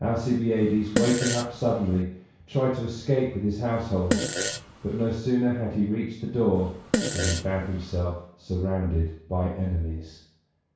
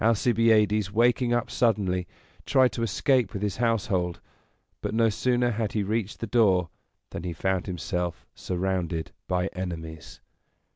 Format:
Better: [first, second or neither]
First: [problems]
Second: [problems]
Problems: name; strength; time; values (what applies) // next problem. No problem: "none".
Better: second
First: background sound (Fart); 4 dB below the speech // room echo; dies away in 0.6 s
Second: none